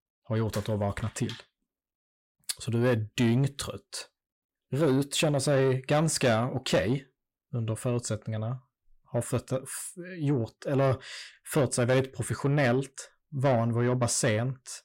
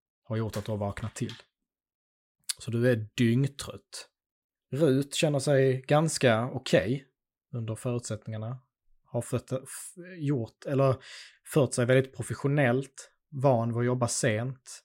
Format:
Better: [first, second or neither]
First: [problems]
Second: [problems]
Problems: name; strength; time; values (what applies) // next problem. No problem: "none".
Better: second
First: distortion; slight; 10 dB below the speech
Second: none